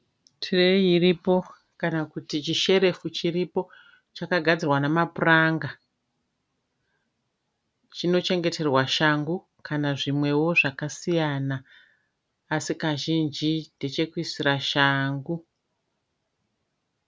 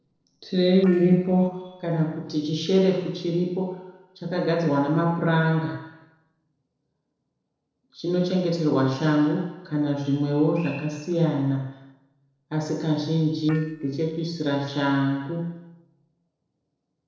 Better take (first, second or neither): first